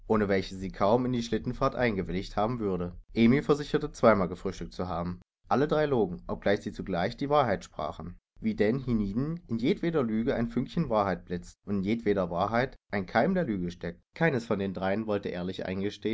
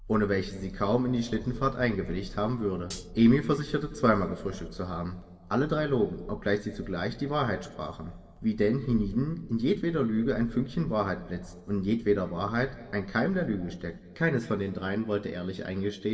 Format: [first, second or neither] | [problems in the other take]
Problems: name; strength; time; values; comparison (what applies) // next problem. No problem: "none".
first | background sound (Hi-hat); 14 dB below the speech // room echo; dies away in 1.4 s